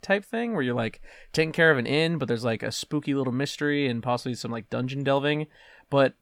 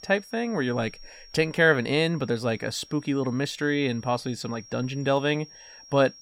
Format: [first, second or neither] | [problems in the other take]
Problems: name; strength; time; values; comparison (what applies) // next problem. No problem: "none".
first | high-pitched whine; faint; throughout; 5.5 kHz, 20 dB below the speech